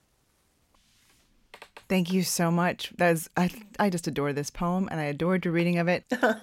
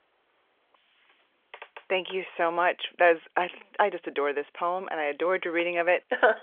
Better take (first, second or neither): first